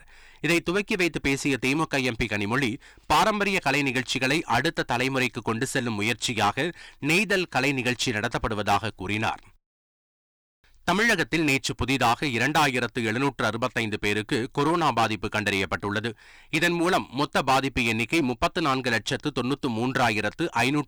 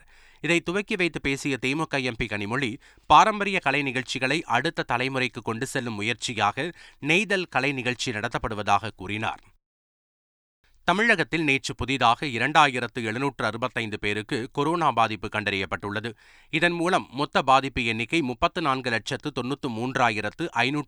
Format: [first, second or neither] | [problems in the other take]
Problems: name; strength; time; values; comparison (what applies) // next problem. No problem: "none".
second | distortion; heavy; 9% of the sound clipped